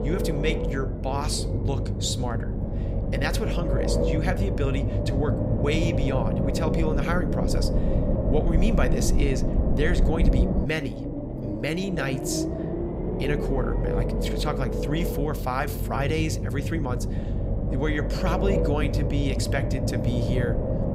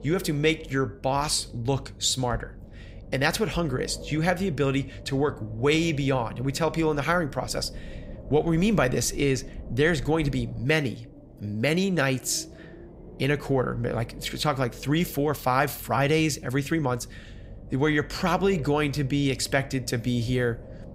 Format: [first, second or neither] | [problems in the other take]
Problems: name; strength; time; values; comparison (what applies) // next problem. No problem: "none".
second | low rumble; loud; throughout; 2 dB below the speech; faint in the second